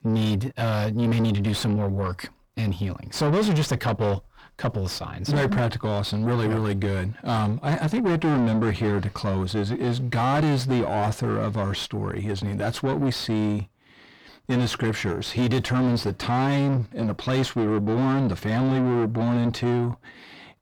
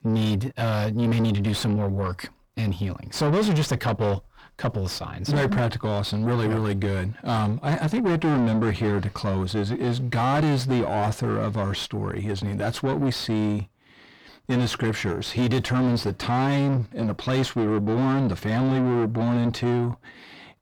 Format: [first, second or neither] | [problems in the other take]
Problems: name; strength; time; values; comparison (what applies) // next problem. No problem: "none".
neither | distortion; heavy; 5 dB below the speech; the same in both